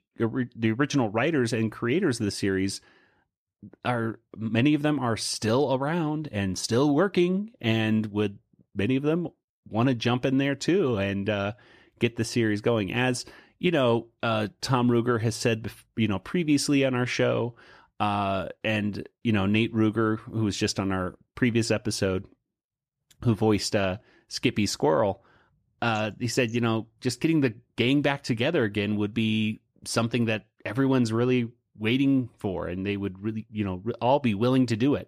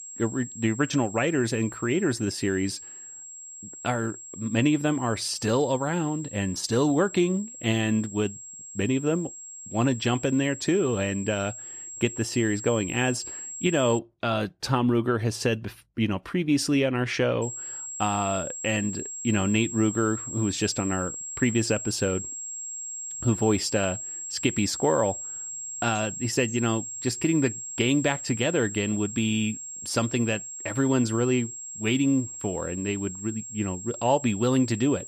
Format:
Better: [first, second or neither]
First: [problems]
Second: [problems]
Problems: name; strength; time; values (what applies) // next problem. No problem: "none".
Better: first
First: none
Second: high-pitched whine; loud; until 14 s and from 17 s on; 7.5 kHz, 9 dB below the speech